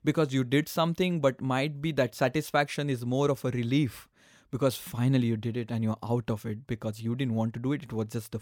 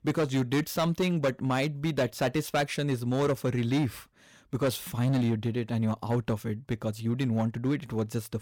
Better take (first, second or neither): first